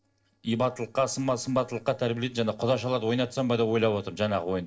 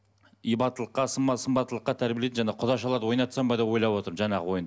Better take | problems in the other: second | noise reduction (neural separator model SepFormer DNS4)

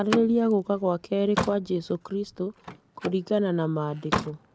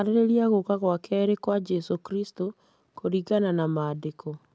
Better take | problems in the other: second | background sound (Slam); 9 dB below the speech

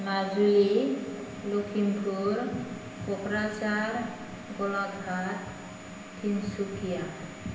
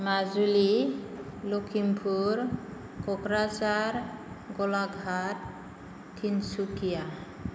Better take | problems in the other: second | background sound (Domestic sounds, home sounds); 17 dB below the speech // room echo; dies away in 0.8 s

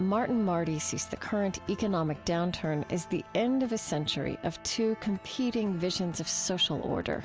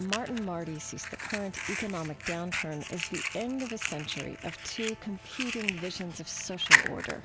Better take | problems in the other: first | background sound (Fire); 2 dB above the speech

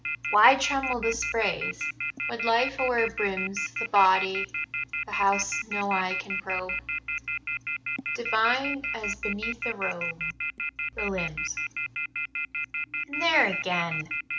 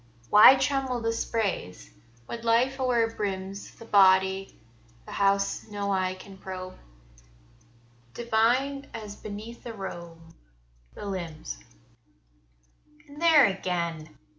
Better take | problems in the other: second | background sound (Telephone); 3 dB below the speech

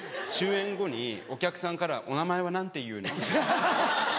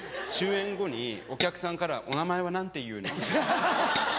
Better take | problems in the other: first | background sound (Tap / Glass); 14 dB below the speech

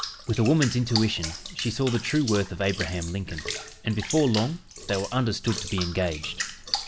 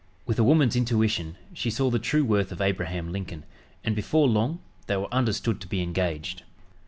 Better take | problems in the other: second | background sound (Bathtub (filling or washing) / Water); 9 dB below the speech

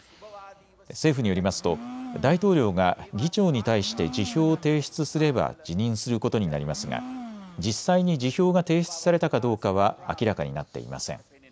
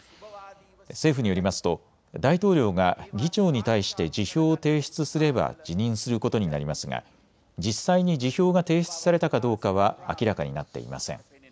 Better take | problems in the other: second | background sound (Domestic sounds, home sounds); 16 dB below the speech

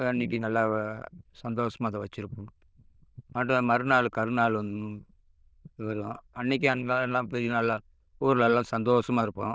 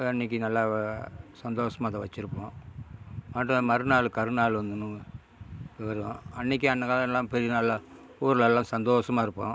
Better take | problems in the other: second | noise reduction (neural diffusion model UNIVERSE++)

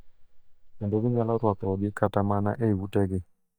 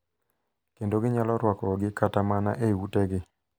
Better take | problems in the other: second | noise reduction (neural mask model DeepFilterNet 3)

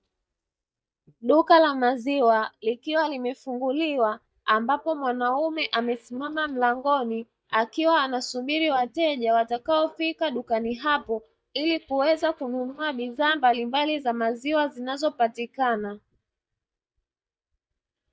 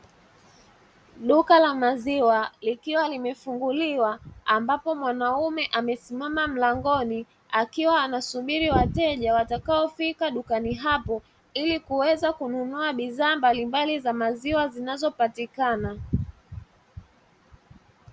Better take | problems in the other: second | noise reduction (neural mask model DeepFilterNet 3)

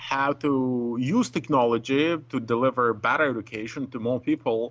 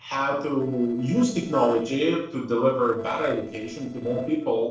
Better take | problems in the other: first | noise reduction (neural separator model SepFormer DNS4)

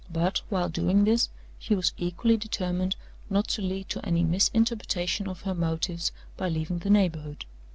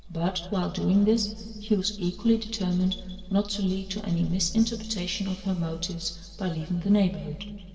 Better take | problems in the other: first | room echo; dies away in 2.5 s

